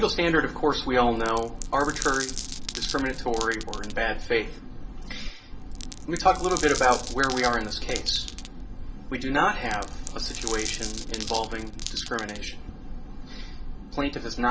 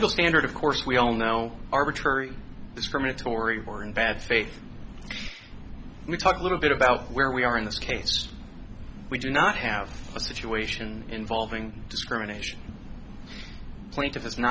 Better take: second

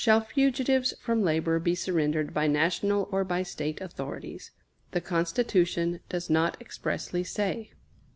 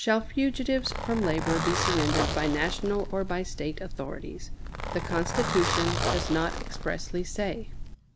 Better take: first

